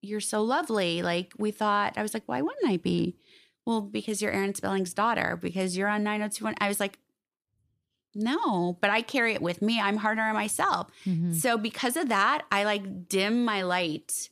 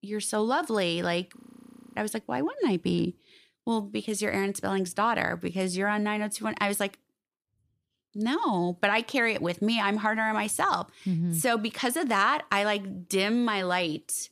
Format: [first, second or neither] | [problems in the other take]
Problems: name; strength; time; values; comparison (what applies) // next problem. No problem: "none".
first | audio freezing; at 1.5 s for 0.5 s